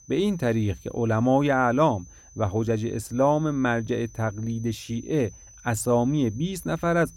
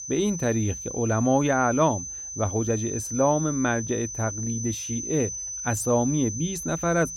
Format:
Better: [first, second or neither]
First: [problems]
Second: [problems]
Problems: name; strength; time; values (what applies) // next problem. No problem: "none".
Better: first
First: high-pitched whine; faint; throughout; 6 kHz, 25 dB below the speech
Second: high-pitched whine; loud; throughout; 6 kHz, 6 dB below the speech